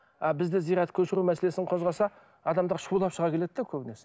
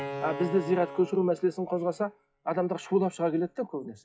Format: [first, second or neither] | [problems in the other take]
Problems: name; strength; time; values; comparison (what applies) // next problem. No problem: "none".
first | noise reduction (classical method WPE with log-MMSE)